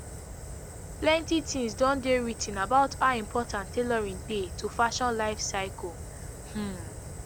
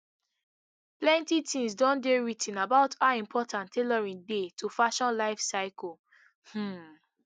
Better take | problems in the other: second | background sound (Fire); 11 dB below the speech

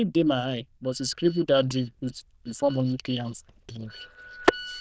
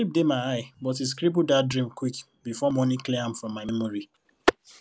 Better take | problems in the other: second | noise reduction (neural diffusion model UNIVERSE++)

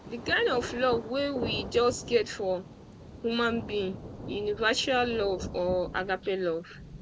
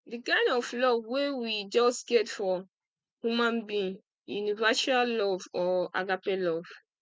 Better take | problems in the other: second | background sound (Thunder); 11 dB below the speech

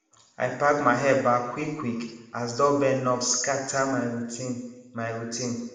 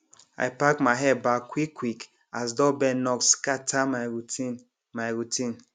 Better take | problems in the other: second | room echo; dies away in 1 s

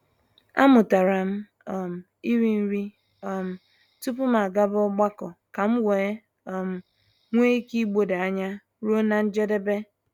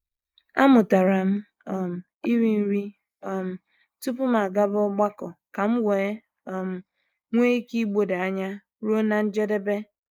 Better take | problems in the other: first | noise reduction (neural mask model Resemble Enhance denoiser)

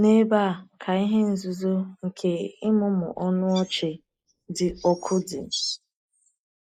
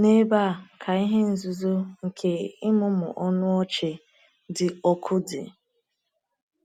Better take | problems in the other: second | noise reduction (neural mask model Resemble Enhance denoiser)

